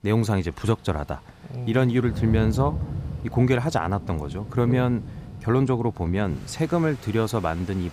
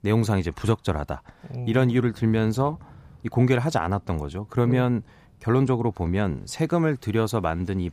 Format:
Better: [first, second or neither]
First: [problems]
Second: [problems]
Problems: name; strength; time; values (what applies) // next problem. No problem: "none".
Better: second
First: rain or running water; loud; throughout; 10 dB below the speech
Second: rain or running water; faint; throughout; 25 dB below the speech